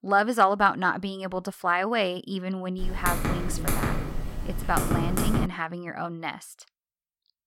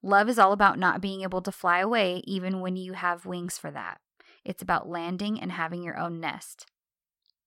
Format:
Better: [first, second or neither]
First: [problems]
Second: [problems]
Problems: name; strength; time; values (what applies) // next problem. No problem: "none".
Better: second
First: keyboard typing; loud; from 3 to 5.5 s; peak 1 dB above the speech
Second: none